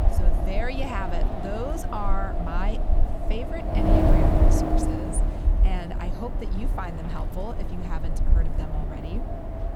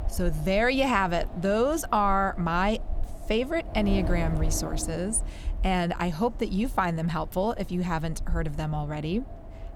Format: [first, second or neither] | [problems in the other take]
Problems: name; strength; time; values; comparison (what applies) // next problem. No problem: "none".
second | wind noise on the microphone; heavy; 2 dB above the speech; occasional gusts in the second